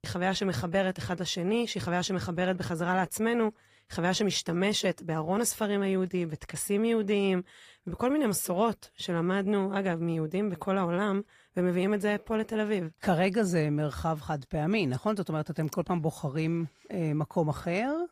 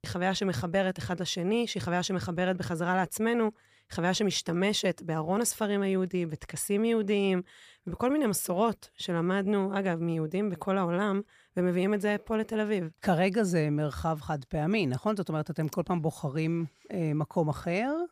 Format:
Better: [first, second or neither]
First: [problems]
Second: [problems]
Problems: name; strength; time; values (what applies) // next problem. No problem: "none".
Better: second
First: garbled, watery; slightly; nothing above 15 kHz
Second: none